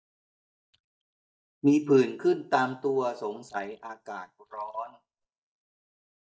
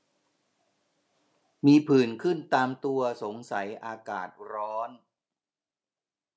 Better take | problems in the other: second | noise reduction (neural mask model DeepFilterNet 3)

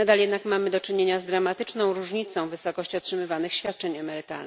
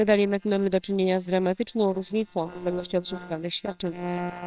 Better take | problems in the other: first | noise reduction (neural separator model SepFormer WHAMR!)

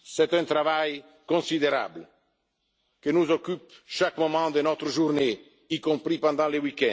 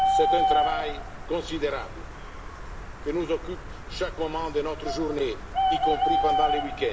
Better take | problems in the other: first | background sound (Bird); 3 dB above the speech // room echo; dies away in 1.7 s

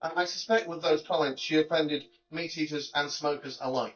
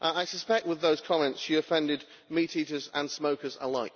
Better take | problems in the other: second | noise reduction (neural mask model DeepFilterNet 3)

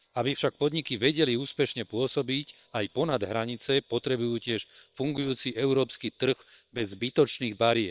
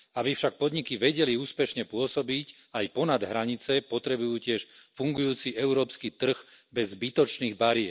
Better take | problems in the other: second | noise reduction (neural separator model SepFormer WHAM!)

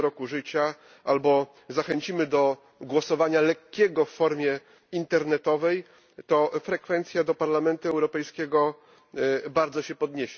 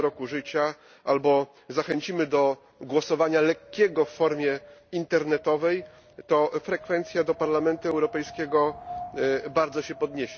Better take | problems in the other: first | background sound (Wind); 19 dB below the speech

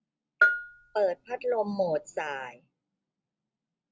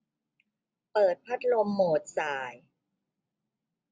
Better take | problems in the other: second | background sound (Bell); 2 dB above the speech

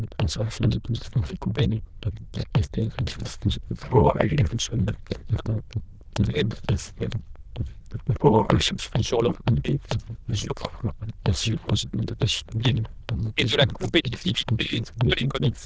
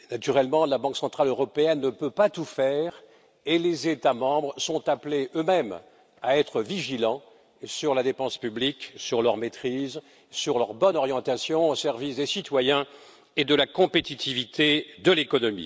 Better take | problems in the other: second | noise reduction (neural diffusion model UNIVERSE++)

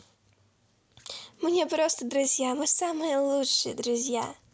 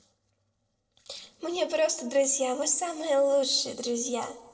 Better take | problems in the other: first | noise reduction (neural separator model SepFormer DNS4)

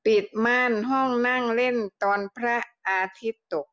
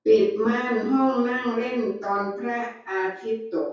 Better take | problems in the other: first | room echo; dies away in 0.6 s

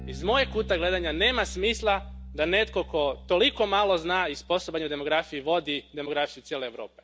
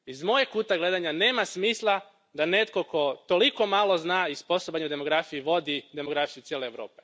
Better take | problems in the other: second | background sound (Bass guitar); 15 dB below the speech

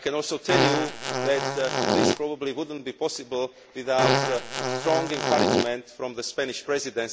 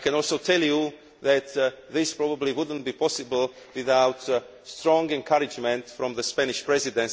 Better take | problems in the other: second | background sound (Fart); 3 dB above the speech

